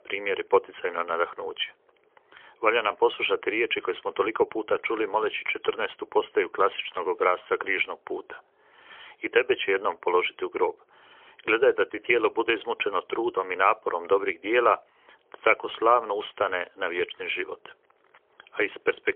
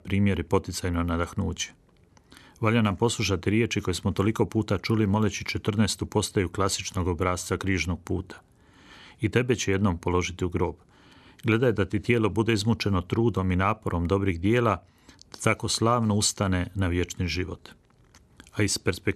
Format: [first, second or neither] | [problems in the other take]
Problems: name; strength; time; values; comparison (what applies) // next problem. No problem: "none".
second | phone-call audio; poor line; nothing above 3.5 kHz